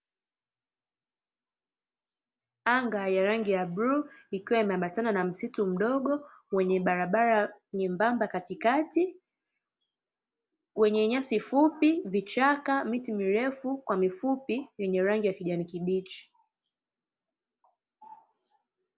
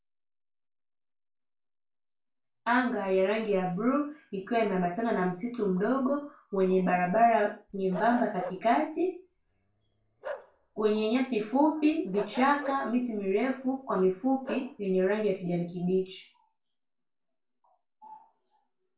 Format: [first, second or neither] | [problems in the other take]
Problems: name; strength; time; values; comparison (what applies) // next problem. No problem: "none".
first | background sound (Bark); 14 dB below the speech // room echo; dies away in 0.3 s